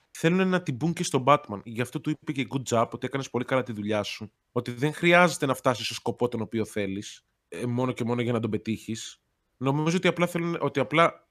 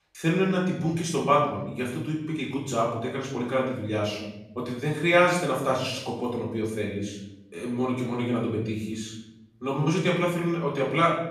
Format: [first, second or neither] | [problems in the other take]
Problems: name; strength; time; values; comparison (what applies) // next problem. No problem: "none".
first | off-mic speech; far // room echo; noticeable; dies away in 0.8 s